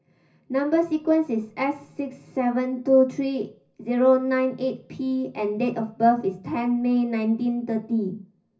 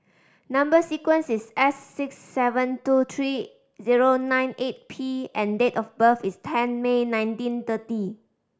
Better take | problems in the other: second | room echo; dies away in 0.4 s

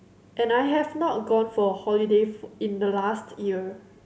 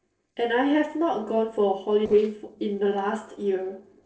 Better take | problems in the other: first | noise reduction (neural separator model SepFormer DNS4)

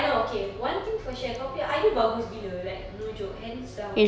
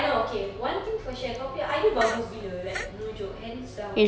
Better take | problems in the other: first | background sound (Fart); 10 dB below the speech

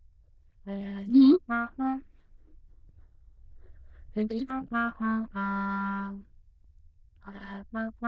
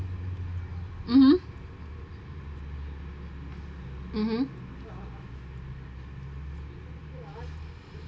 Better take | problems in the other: second | noise reduction (neural diffusion model UNIVERSE++)

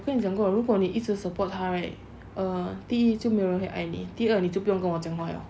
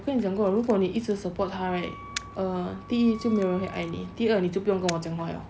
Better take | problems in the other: first | background sound (Wind instrument, woodwind instrument + Camera); 18 dB below the speech

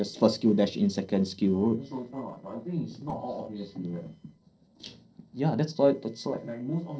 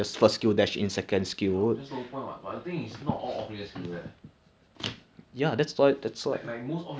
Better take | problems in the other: second | noise reduction (neural separator model SepFormer DNS4)

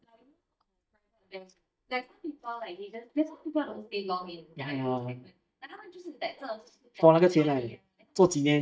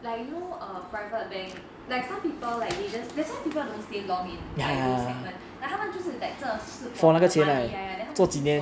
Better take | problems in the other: second | noise reduction (neural mask model DeepFilterNet 3)

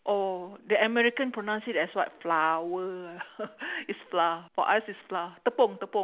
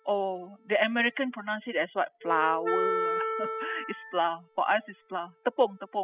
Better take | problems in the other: first | noise reduction (classical method spectral subtraction)

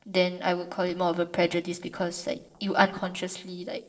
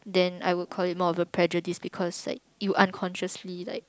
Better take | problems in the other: second | noise reduction (neural separator model SepFormer DNS4)

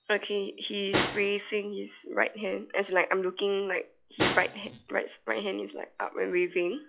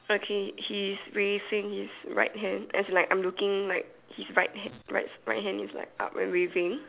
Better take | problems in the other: second | noise reduction (classical method log-MMSE)

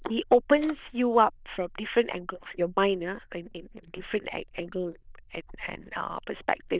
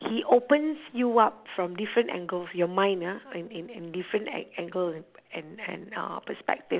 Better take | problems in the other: second | noise reduction (neural diffusion model UNIVERSE++)

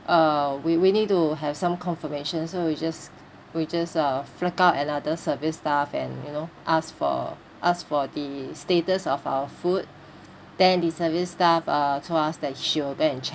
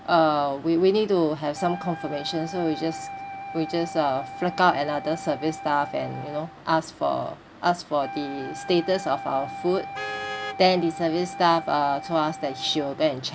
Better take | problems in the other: first | background sound (Vehicle horn, car horn, honking + Wind instrument, woodwind instrument); 13 dB below the speech

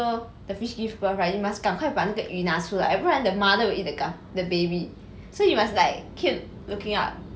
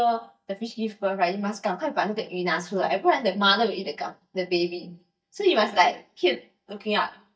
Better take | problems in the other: first | noise reduction (neural mask model DeepFilterNet 3)

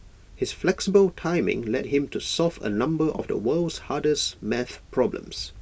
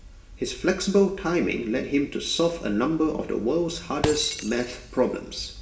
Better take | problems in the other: first | background sound (Shatter); 15 dB below the speech // room echo; dies away in 0.7 s

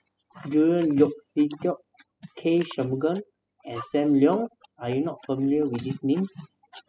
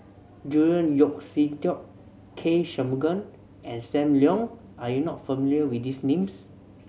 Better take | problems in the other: second | noise reduction (classical method spectral subtraction)

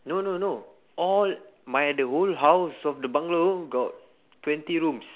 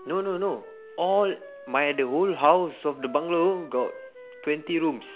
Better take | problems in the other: first | background sound (Wind instrument, woodwind instrument); 19 dB below the speech

